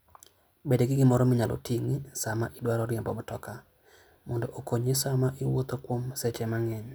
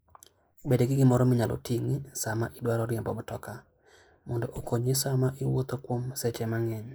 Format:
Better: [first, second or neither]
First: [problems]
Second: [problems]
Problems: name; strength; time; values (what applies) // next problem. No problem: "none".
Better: first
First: none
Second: noise reduction (neural mask model Resemble Enhance denoiser)